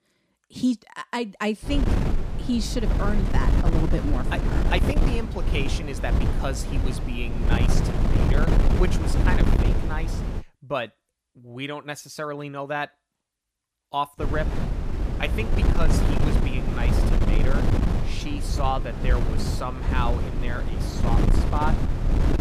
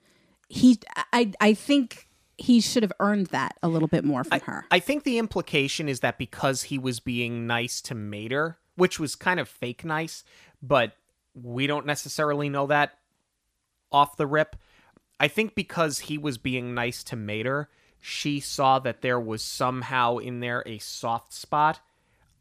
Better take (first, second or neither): second